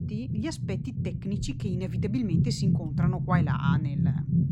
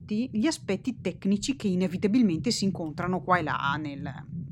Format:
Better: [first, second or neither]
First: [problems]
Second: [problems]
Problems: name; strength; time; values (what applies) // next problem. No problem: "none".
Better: second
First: low rumble; loud; throughout; 2 dB below the speech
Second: low rumble; faint; throughout; 20 dB below the speech